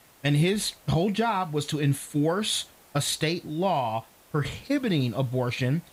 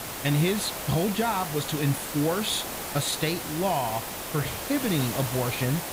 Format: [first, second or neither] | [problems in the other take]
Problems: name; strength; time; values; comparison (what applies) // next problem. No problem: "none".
first | hiss; loud; throughout; 5 dB below the speech; faint in the first